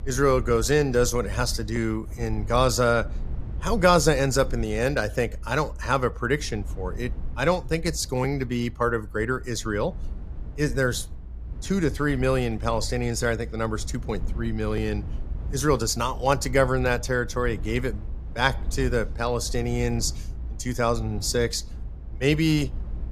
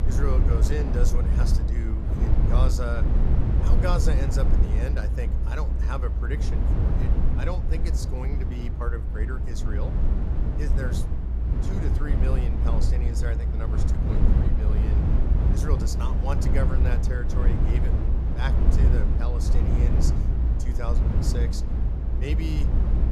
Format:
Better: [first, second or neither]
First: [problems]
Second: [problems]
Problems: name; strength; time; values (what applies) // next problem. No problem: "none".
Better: first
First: low rumble; faint; throughout; 25 dB below the speech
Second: low rumble; loud; throughout; 1 dB below the speech